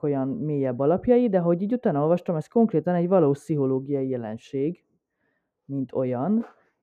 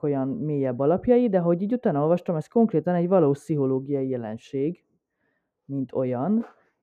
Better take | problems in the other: neither | muffled; very; fading above 1.5 kHz; the same in both

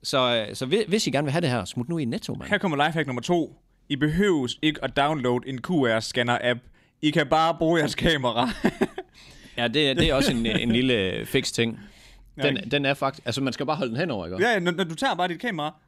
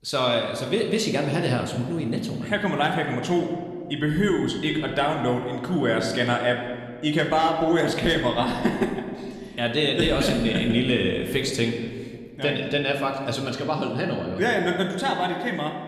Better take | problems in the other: first | room echo; slight; dies away in 1.5 s

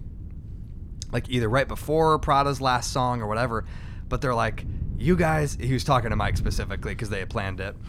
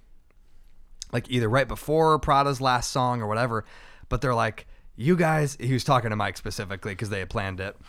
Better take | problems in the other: second | wind noise on the microphone; occasional gusts; 25 dB below the speech

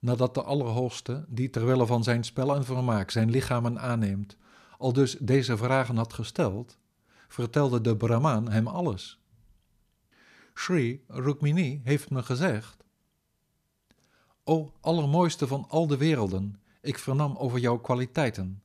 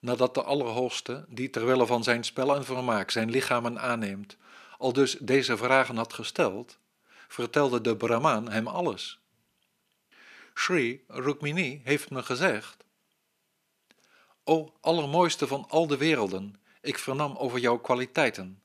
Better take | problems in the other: first | thin; somewhat; fading below 300 Hz

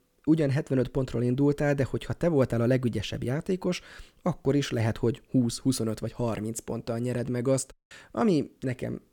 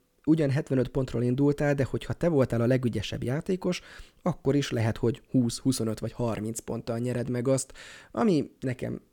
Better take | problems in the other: second | audio cutting out; at 7.5 s

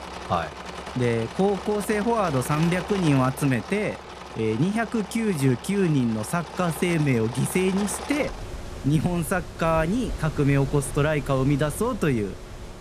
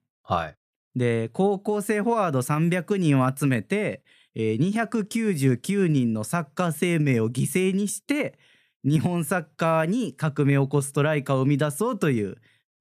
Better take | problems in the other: second | machinery noise; noticeable; throughout; 10 dB below the speech

